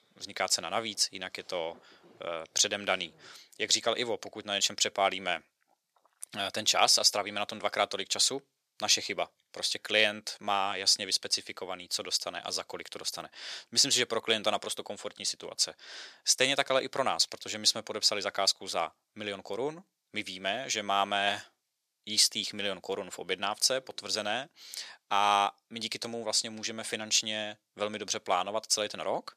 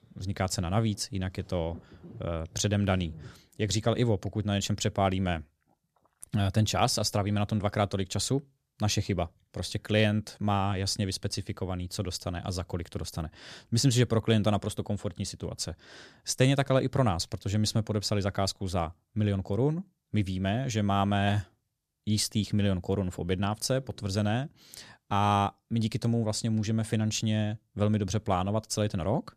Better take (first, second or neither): second